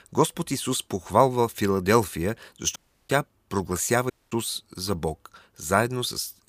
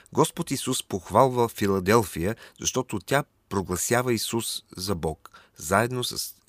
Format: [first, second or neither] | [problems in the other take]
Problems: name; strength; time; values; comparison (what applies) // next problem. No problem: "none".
second | audio cutting out; at 3 s and at 4 s